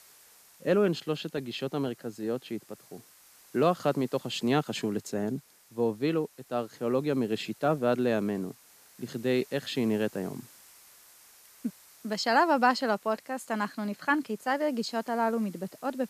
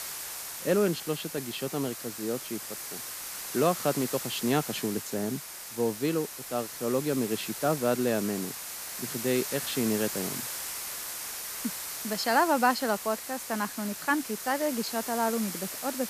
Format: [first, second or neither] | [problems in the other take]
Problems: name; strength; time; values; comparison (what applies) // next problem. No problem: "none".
first | hiss; loud; throughout; 5 dB below the speech; faint in the first